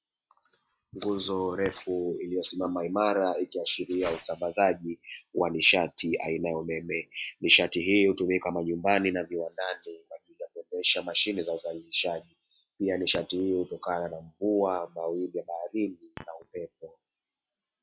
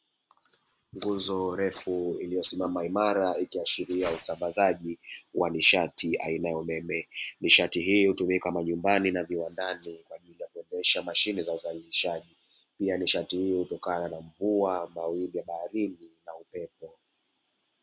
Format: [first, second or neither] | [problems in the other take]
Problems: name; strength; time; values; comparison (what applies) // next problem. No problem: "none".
second | noise reduction (classical method log-MMSE)